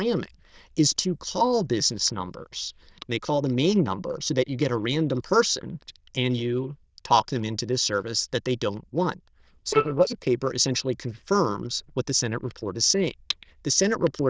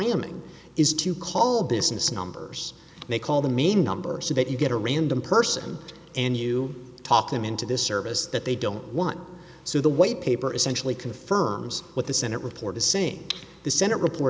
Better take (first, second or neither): second